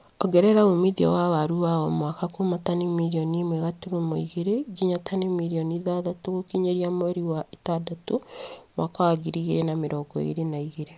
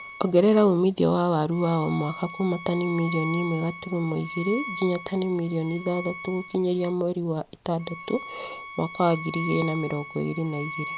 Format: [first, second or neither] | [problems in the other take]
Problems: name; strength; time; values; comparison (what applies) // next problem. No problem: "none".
first | background sound (Bowed string instrument); 13 dB below the speech